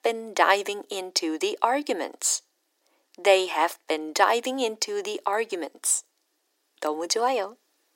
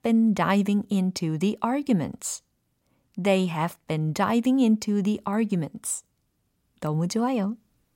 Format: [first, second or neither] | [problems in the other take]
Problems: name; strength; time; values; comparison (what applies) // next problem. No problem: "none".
second | thin; very; fading below 300 Hz